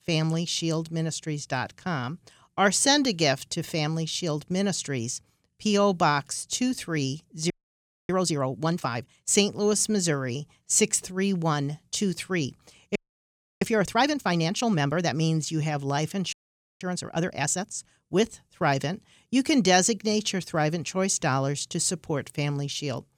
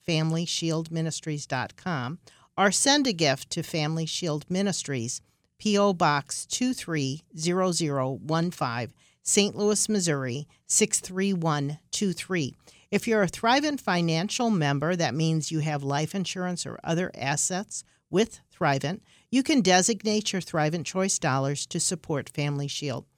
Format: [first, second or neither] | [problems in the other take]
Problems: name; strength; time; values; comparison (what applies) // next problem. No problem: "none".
second | audio freezing; at 7.5 s for 0.5 s, at 13 s for 0.5 s and at 16 s